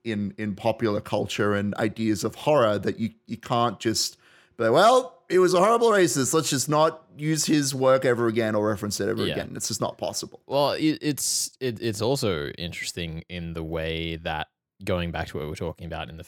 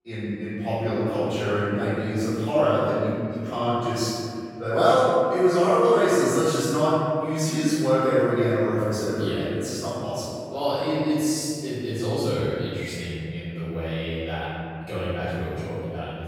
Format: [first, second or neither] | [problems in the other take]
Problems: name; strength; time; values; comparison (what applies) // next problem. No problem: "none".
first | off-mic speech; far // room echo; strong; dies away in 2.2 s